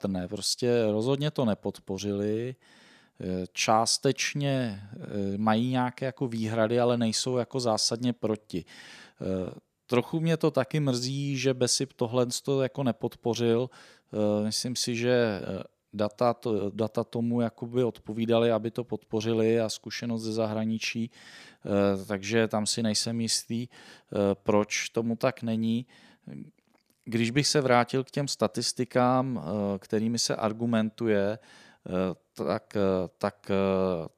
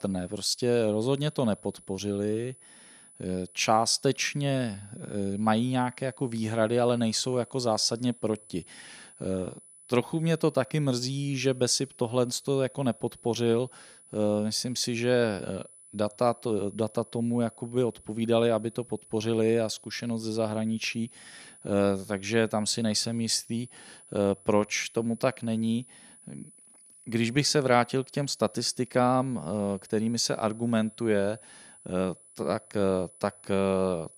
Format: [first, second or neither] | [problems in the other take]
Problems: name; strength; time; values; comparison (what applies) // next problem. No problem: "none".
first | high-pitched whine; faint; throughout; 10 kHz, 20 dB below the speech